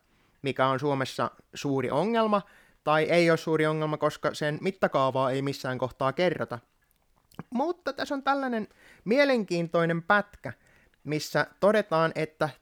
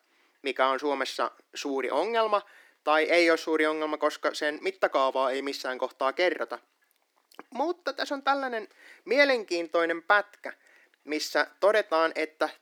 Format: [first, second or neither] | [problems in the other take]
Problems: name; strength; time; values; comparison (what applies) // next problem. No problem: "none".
first | thin; somewhat; fading below 300 Hz